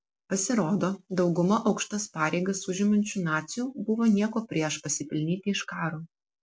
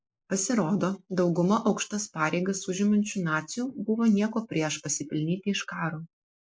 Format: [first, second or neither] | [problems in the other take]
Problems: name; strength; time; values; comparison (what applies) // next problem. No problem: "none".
first | noise reduction (neural mask model Resemble Enhance denoiser)